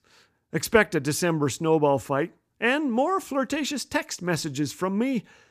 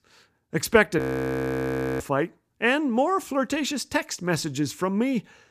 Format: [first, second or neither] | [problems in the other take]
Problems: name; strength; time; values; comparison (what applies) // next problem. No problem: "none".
first | audio freezing; at 1 s for 1 s